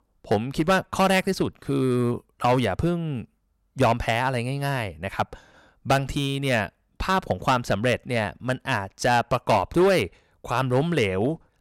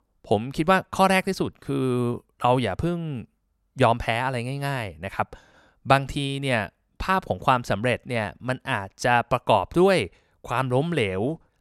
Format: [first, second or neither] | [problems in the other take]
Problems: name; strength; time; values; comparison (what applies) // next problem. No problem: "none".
second | distortion; slight; 4% of the sound clipped